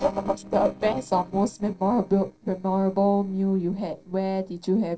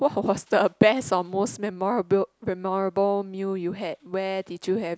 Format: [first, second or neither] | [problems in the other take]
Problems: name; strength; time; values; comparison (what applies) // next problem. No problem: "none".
second | noise reduction (neural separator model SepFormer DNS4)